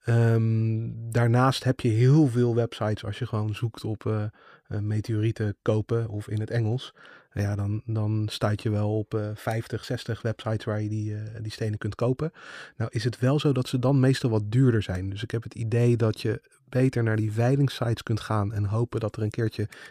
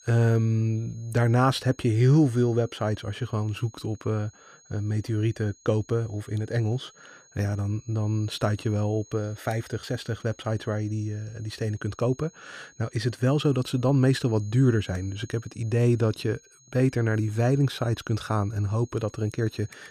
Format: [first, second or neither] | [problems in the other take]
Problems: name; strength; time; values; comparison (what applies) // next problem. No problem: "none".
first | high-pitched whine; faint; throughout; 6.5 kHz, 25 dB below the speech